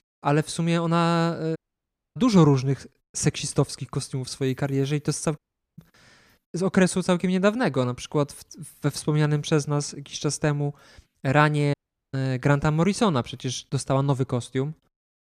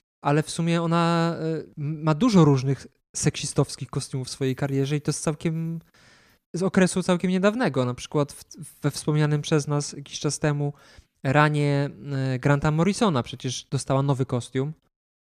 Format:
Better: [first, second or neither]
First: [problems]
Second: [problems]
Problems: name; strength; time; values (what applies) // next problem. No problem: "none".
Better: second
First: audio cutting out; at 1.5 s for 0.5 s, at 5.5 s and at 12 s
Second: none